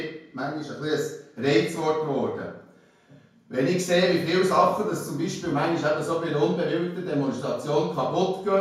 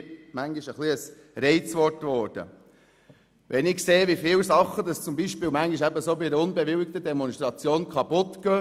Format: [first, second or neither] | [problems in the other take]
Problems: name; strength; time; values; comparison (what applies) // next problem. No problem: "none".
second | room echo; dies away in 0.5 s